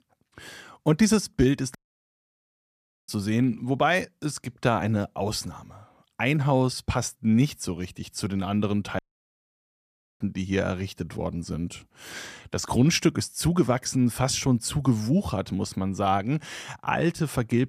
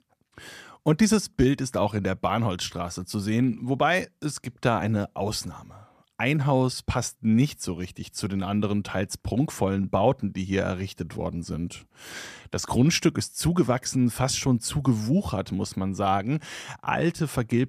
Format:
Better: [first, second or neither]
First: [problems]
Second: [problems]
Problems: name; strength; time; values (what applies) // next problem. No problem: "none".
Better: second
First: audio cutting out; at 2 s for 1.5 s and at 9 s for 1 s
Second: none